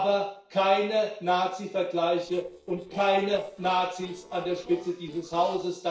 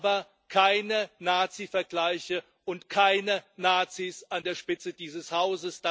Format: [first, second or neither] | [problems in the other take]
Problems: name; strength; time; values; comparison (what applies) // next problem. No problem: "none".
second | noise reduction (neural separator model SepFormer DNS4)